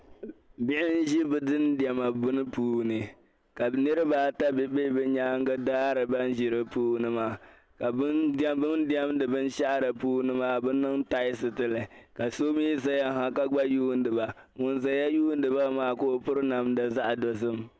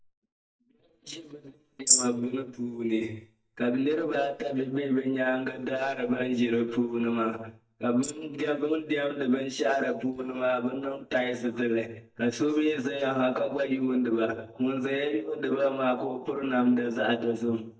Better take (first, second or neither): first